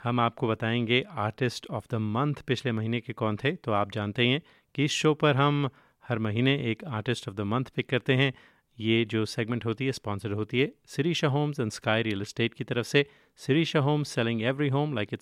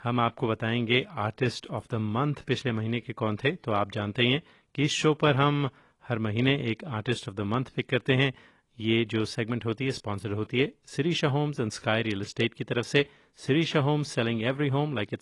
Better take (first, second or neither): first